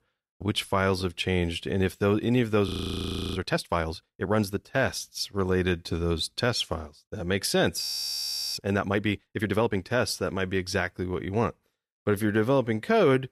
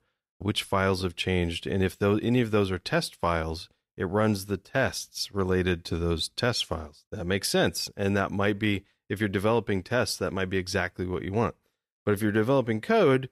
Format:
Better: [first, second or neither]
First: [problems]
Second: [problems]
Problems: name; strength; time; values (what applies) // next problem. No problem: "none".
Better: second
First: audio freezing; at 2.5 s for 0.5 s and at 8 s for 0.5 s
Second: none